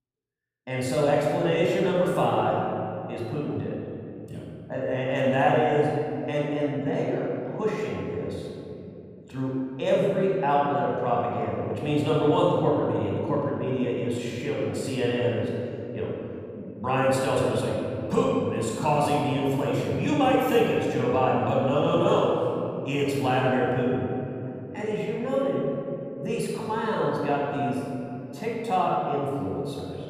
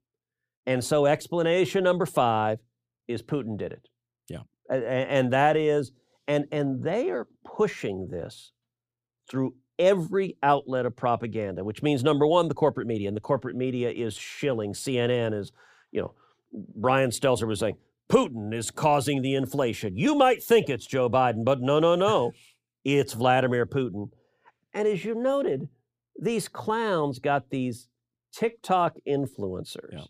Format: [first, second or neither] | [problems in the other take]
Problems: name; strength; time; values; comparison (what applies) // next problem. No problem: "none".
second | off-mic speech; far // room echo; strong; dies away in 3 s